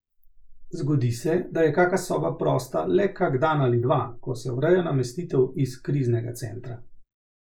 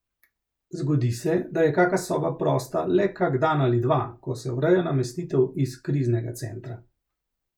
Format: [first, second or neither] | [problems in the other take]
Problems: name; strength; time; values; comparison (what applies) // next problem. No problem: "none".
second | noise reduction (neural mask model Resemble Enhance denoiser)